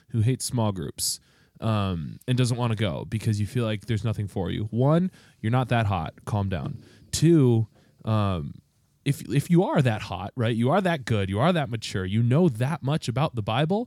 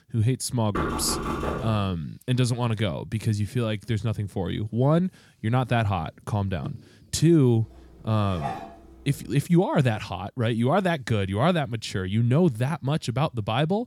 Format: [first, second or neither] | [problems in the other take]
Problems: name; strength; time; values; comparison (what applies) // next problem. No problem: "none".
first | door banging; noticeable; from 0.5 to 2 s; peak 3 dB below the speech // clattering dishes; noticeable; at 8 s; peak 9 dB below the speech